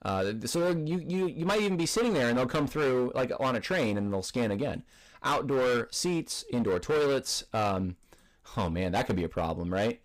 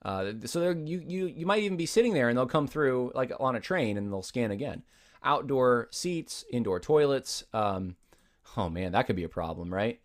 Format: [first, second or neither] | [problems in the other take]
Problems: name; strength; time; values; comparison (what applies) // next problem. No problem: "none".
second | distortion; heavy; 16% of the sound clipped